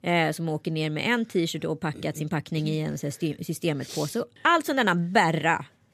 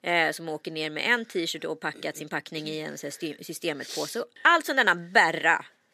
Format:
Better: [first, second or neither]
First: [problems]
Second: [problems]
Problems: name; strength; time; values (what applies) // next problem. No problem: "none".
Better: first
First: none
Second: thin; somewhat; fading below 350 Hz